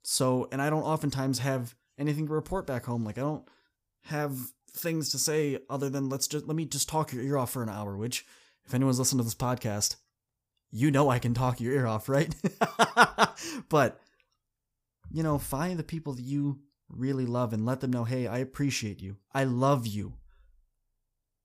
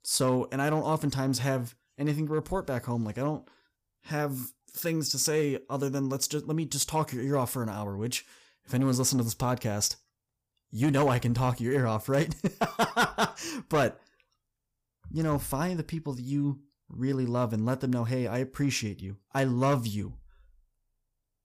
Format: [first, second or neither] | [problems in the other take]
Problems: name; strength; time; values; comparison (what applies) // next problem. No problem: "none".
first | distortion; slight; 2% of the sound clipped